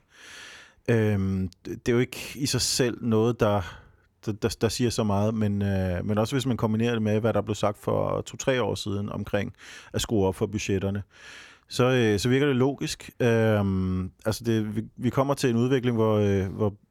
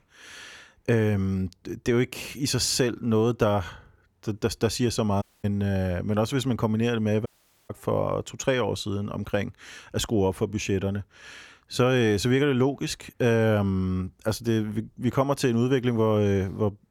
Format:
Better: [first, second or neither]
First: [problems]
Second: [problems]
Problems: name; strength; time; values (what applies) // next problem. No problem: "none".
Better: first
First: none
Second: audio cutting out; at 5 s and at 7.5 s